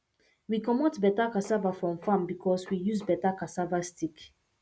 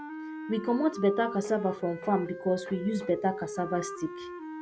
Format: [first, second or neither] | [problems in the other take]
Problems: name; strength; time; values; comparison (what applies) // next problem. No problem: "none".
first | background sound (Wind instrument, woodwind instrument); 10 dB below the speech